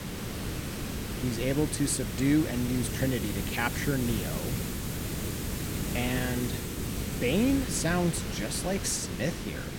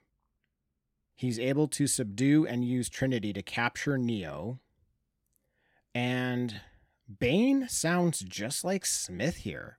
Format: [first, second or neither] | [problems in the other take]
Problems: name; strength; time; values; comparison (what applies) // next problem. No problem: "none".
second | hiss; loud; throughout; 4 dB below the speech